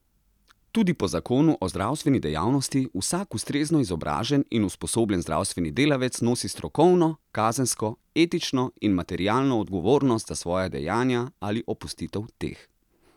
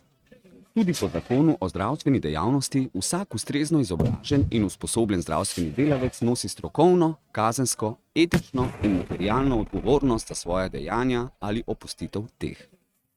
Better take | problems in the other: first | noise reduction (neural mask model RNNoise)

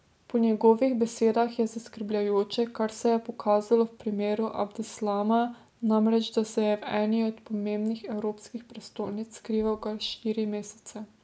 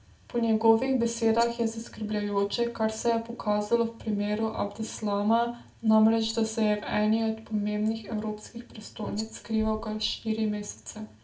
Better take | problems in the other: first | background sound (Rattle); 18 dB below the speech // room echo; dies away in 0.2 s

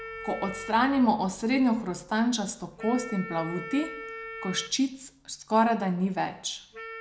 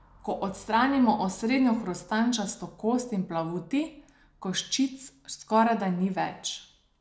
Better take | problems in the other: second | background sound (Wind instrument, woodwind instrument); 15 dB below the speech

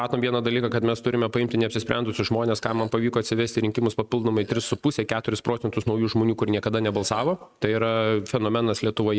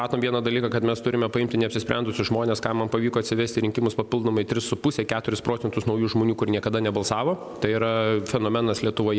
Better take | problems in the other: second | noise reduction (neural mask model RNNoise)

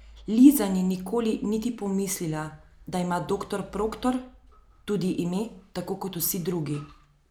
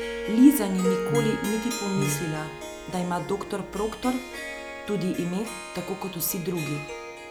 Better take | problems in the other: first | background sound (Harp + Brass instrument); 6 dB below the speech

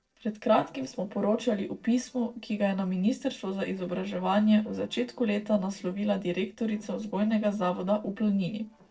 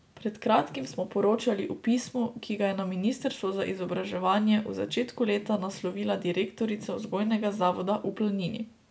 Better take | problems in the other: second | noise reduction (neural separator model SepFormer DNS4)

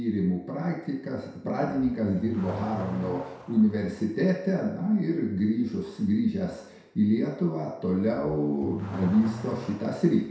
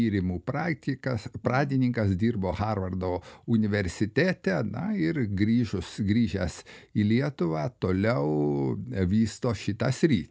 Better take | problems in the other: second | background sound (Accelerating, revving, vroom / Car); 16 dB below the speech // room echo; dies away in 0.7 s

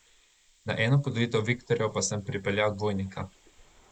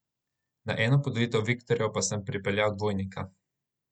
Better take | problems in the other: second | noise reduction (neural mask model Resemble Enhance denoiser)

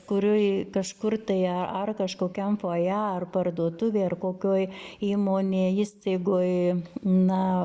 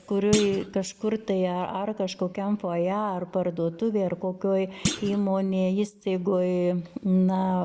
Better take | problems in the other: first | background sound (Thump, thud); 9 dB below the speech

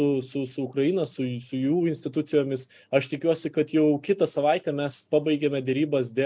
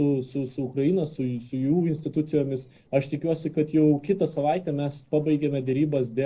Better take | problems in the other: first | noise reduction (neural separator model SepFormer DNS4)

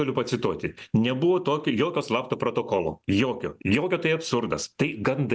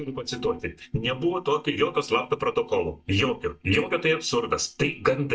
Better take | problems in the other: first | noise reduction (neural mask model DeepFilterNet 3)

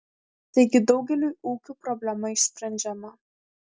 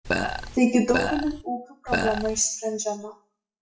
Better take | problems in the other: first | noise reduction (classical method WPE with log-MMSE)

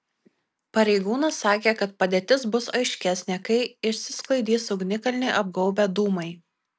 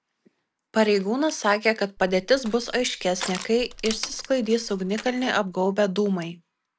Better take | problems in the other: first | background sound (Crushing); 14 dB below the speech

